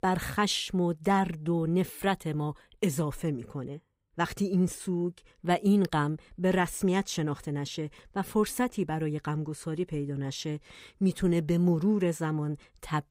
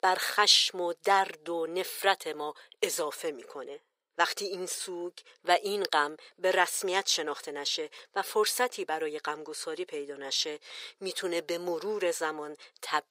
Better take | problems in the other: first | thin; very; fading below 450 Hz

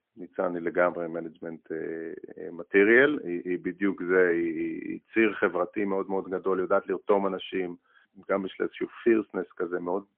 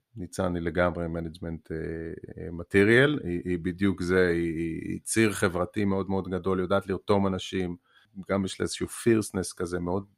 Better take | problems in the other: second | phone-call audio; poor line; nothing above 3.5 kHz

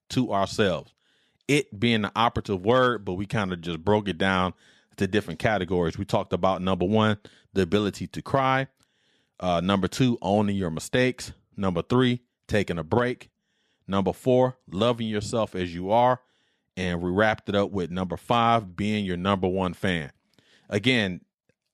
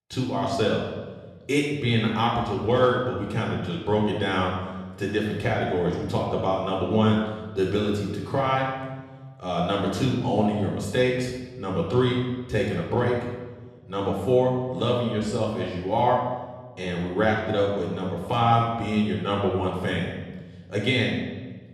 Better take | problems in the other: first | off-mic speech; somewhat distant // room echo; noticeable; dies away in 1.1 s

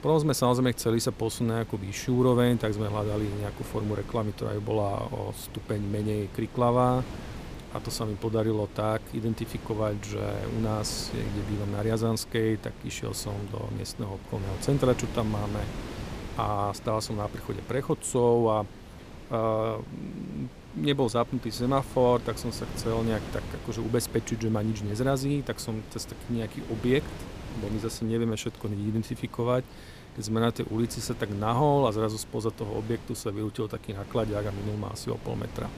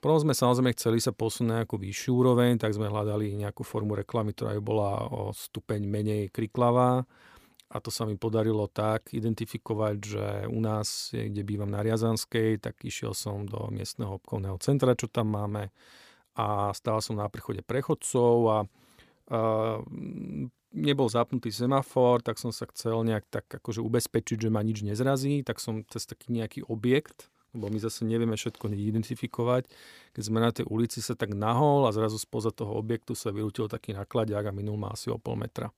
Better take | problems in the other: second | wind noise on the microphone; occasional gusts; 15 dB below the speech

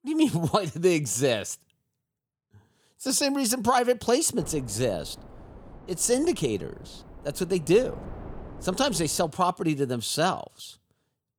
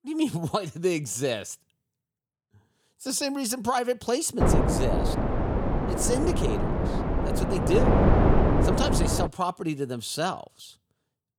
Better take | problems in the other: first | wind noise on the microphone; heavy; from 4.5 to 9.5 s; 1 dB above the speech; occasional gusts in the first

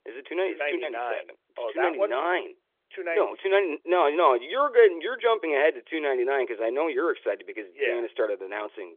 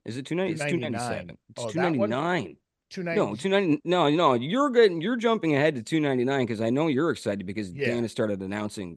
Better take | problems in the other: second | phone-call audio; nothing above 3.5 kHz

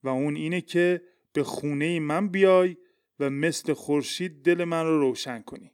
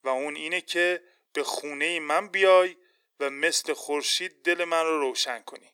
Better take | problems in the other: first | thin; very; fading below 550 Hz

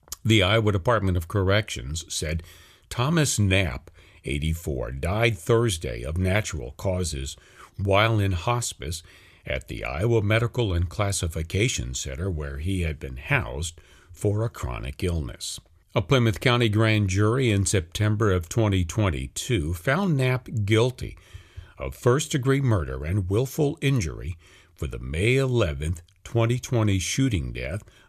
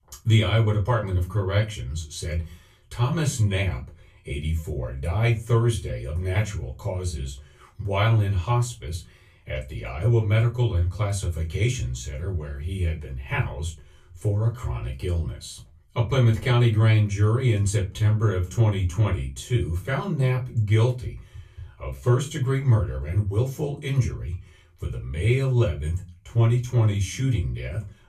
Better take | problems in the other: first | off-mic speech; far // room echo; very slight; dies away in 0.2 s

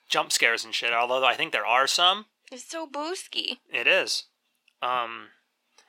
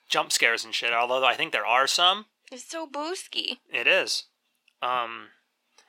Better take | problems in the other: neither | thin; very; fading below 550 Hz; the same in both

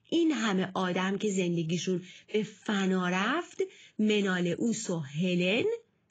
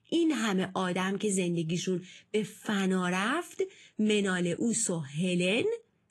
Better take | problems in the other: second | garbled, watery; badly; nothing above 7.5 kHz; slightly in the second

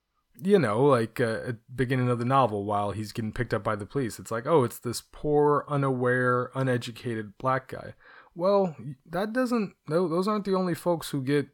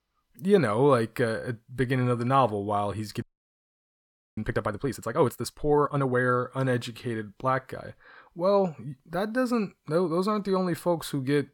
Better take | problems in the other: first | audio freezing; at 3 s for 1 s

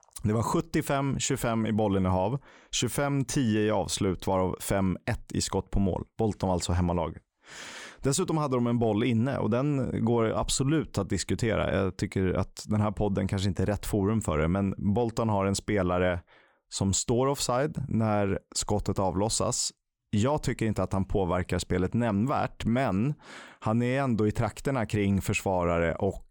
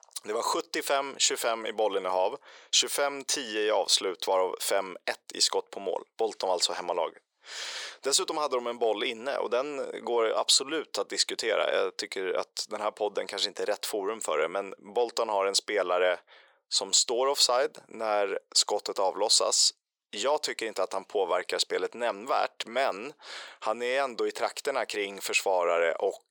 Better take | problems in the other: first | thin; very; fading below 450 Hz

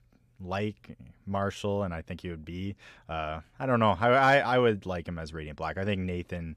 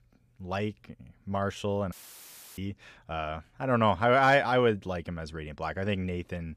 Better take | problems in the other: first | audio cutting out; filled with static; at 2 s for 0.5 s

